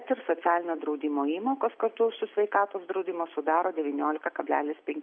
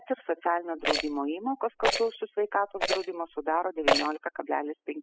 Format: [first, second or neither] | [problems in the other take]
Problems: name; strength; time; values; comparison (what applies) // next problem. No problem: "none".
first | noise reduction (classical method spectral subtraction)